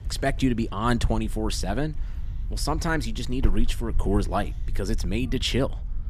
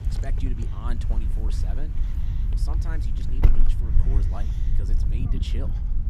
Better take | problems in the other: first | wind noise on the microphone; heavy; as loud as the speech; occasional gusts in the first

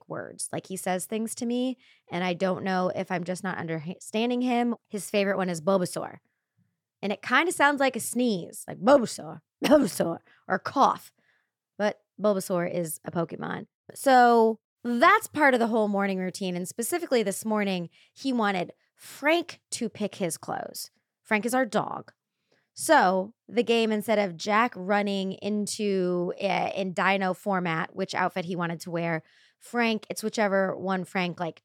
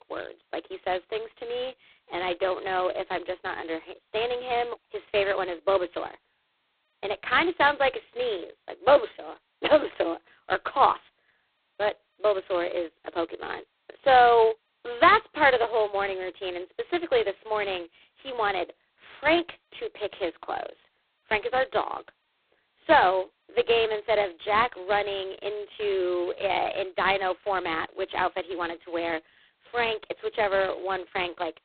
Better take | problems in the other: first | phone-call audio; poor line; nothing above 4 kHz

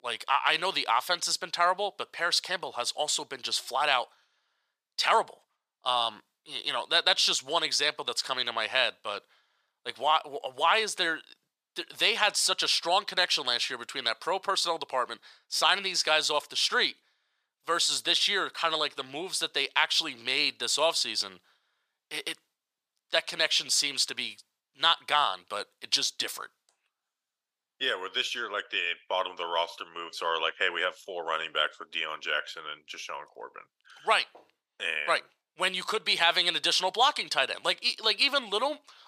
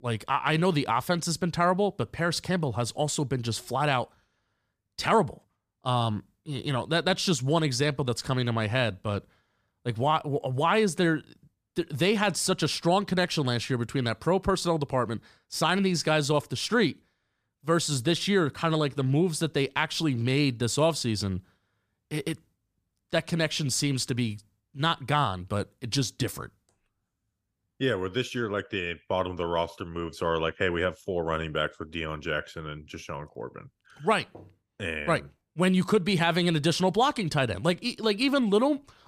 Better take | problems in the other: second | thin; very; fading below 750 Hz

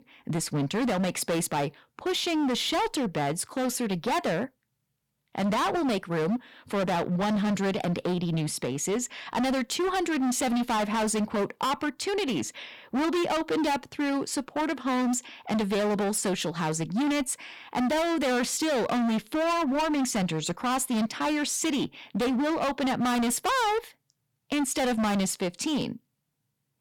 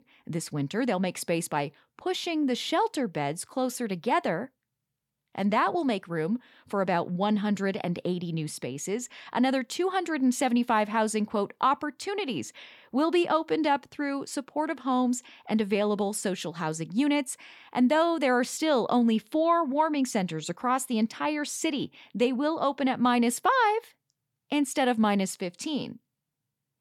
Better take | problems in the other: second | distortion; heavy; 26% of the sound clipped

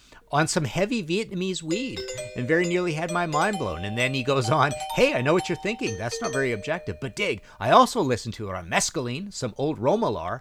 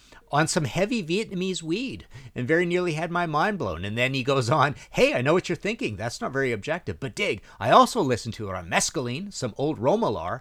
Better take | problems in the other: second | doorbell; noticeable; from 1.5 to 7 s; peak 8 dB below the speech

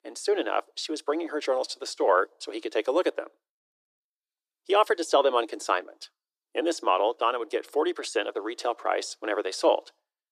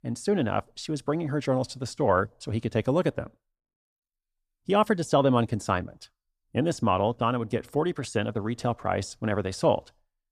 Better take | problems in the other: second | thin; very; fading below 300 Hz

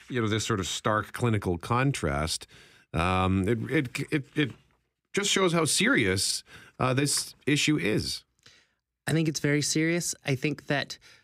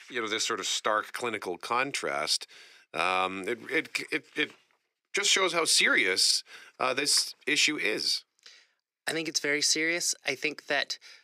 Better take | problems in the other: first | thin; somewhat; fading below 500 Hz

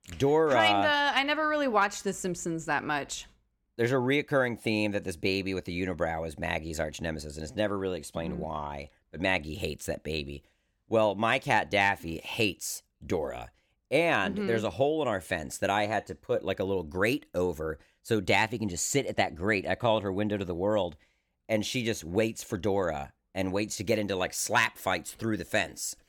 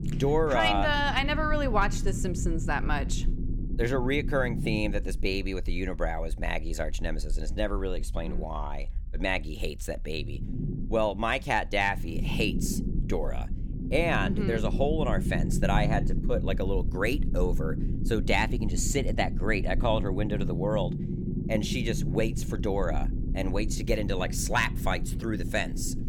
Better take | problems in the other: first | low rumble; noticeable; throughout; 10 dB below the speech

